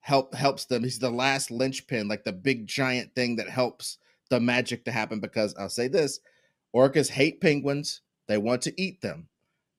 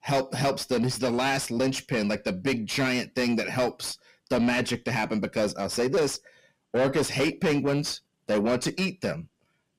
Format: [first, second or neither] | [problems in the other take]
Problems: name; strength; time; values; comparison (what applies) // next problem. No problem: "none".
first | distortion; heavy; 6 dB below the speech